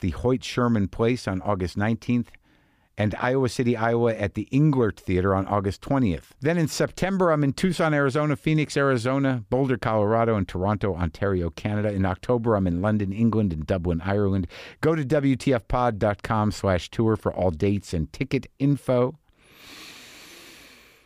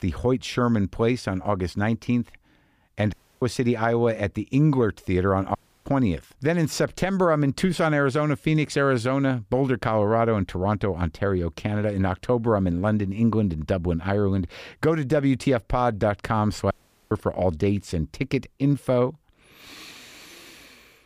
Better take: first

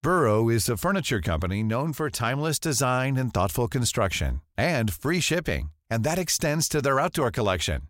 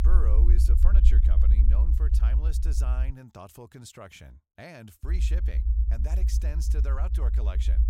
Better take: first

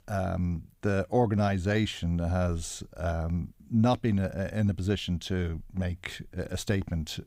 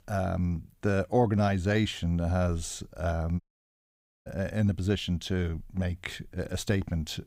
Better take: first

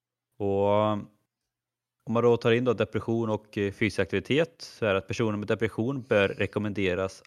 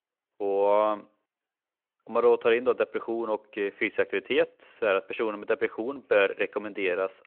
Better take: first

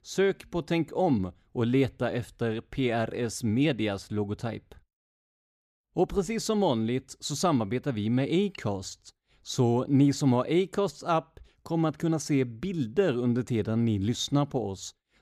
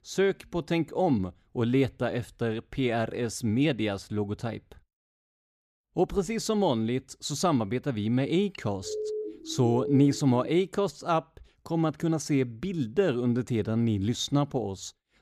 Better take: first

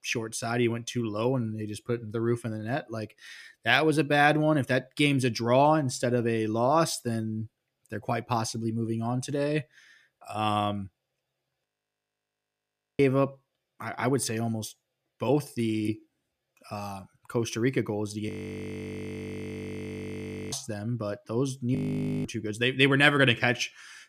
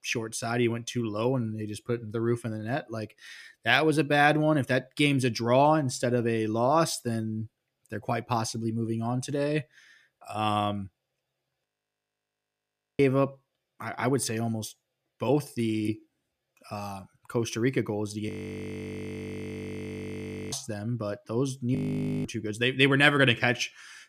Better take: neither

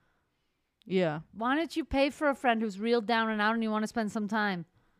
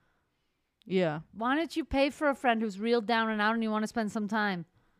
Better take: neither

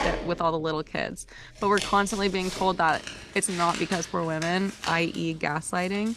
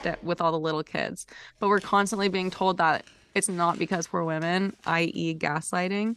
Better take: second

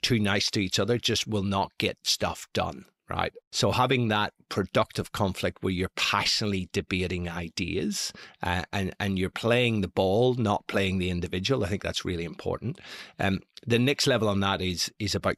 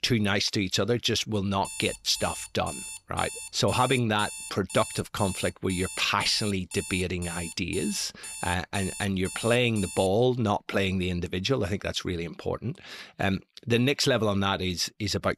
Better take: first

